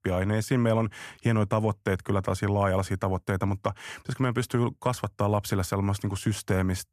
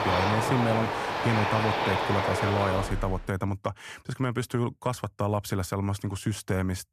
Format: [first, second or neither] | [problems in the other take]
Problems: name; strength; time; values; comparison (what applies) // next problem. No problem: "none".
first | train or aircraft noise; very loud; until 3 s; 1 dB above the speech